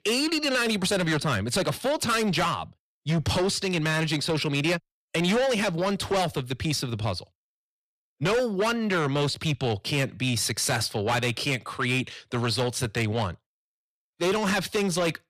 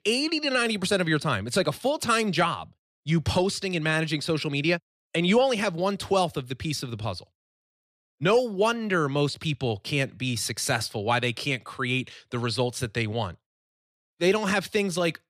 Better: second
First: distortion; heavy; 8 dB below the speech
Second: none

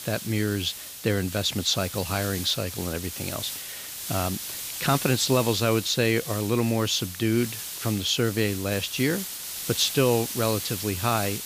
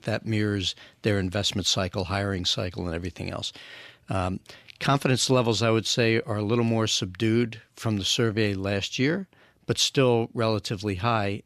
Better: second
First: hiss; loud; throughout; 7 dB below the speech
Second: none

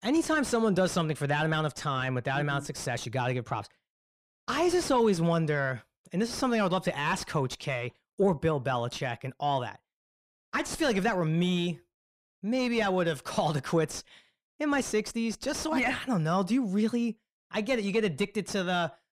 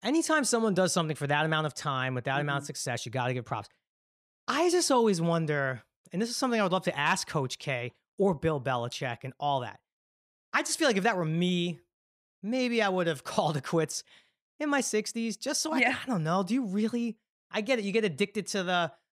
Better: second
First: distortion; slight; 10 dB below the speech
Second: none

